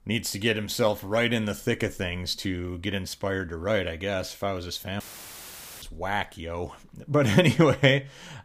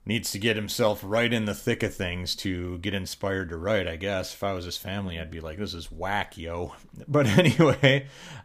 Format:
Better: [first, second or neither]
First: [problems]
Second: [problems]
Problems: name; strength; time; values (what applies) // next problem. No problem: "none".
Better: second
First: audio cutting out; filled with static; at 5 s for 1 s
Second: none